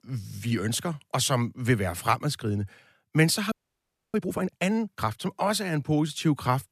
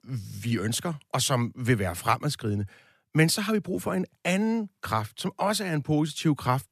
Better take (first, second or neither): second